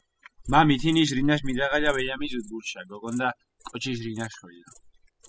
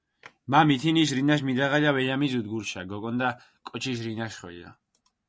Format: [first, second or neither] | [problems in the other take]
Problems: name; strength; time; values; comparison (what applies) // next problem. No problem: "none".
second | noise reduction (classical method spectral subtraction)